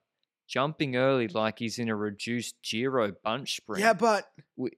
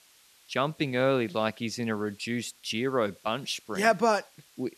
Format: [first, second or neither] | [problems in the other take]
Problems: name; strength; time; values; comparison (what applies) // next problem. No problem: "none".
first | hiss; faint; throughout; 30 dB below the speech